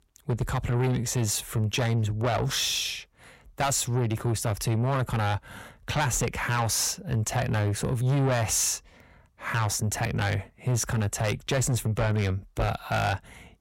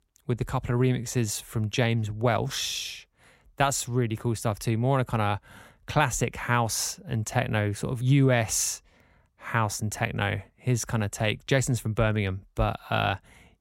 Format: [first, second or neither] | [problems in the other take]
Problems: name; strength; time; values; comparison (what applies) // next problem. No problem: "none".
second | distortion; heavy; 6 dB below the speech